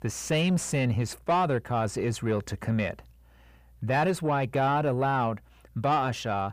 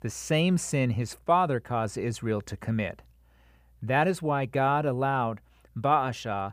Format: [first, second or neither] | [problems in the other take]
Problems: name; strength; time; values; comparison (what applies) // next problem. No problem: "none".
second | distortion; slight; 10 dB below the speech